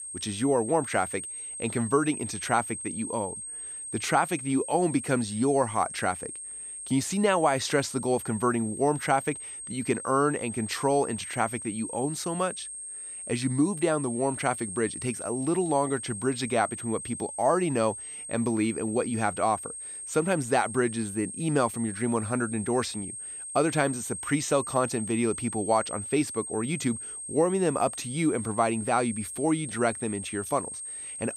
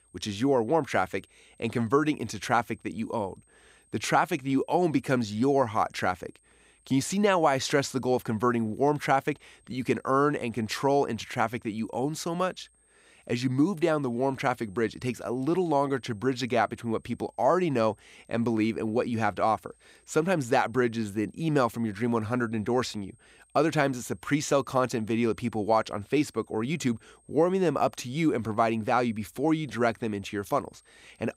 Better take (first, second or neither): second